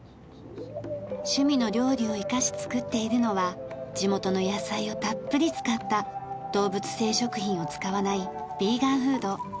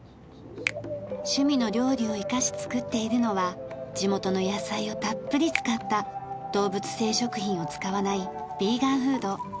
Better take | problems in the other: first | background sound (Finger snapping); 14 dB below the speech

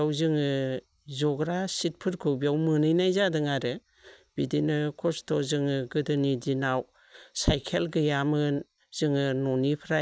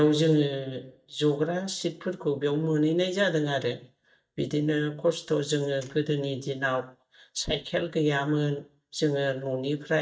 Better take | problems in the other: first | noise reduction (neural mask model DeepFilterNet 3)

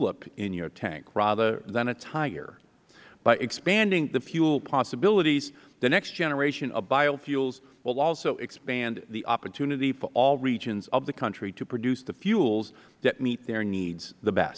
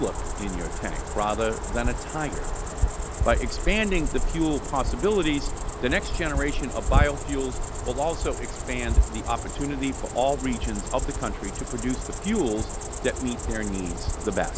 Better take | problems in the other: first | background sound (Cricket); 1 dB above the speech

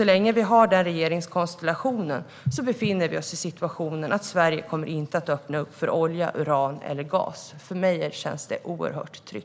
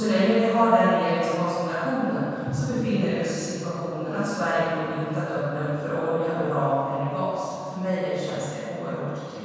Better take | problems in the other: first | room echo; dies away in 2.1 s

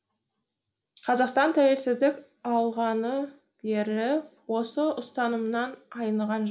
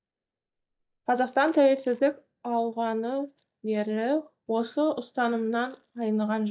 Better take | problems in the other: first | noise reduction (neural mask model DeepFilterNet 3)

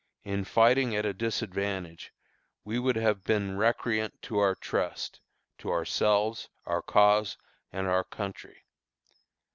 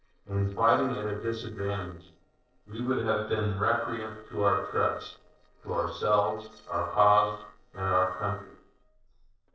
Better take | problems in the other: first | noise reduction (neural separator model SepFormer DNS4)

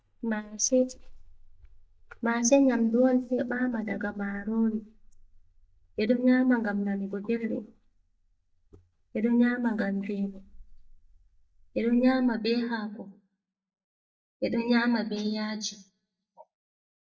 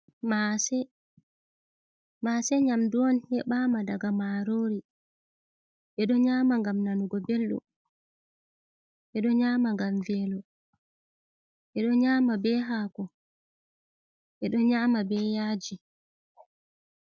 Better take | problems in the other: second | noise reduction (neural mask model DeepFilterNet 3)

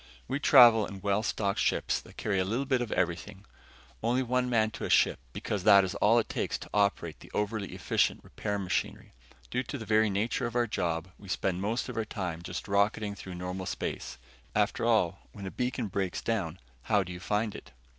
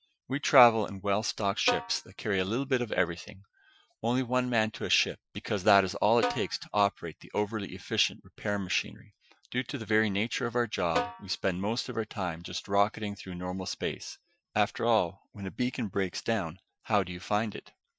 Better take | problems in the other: first | noise reduction (classical method Wiener filter)

